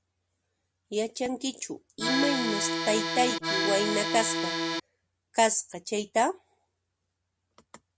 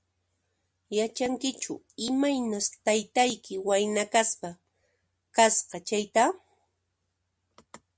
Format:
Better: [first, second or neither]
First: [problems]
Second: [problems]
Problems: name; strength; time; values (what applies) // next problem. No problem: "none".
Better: second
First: background sound (Accordion); 1 dB above the speech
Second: none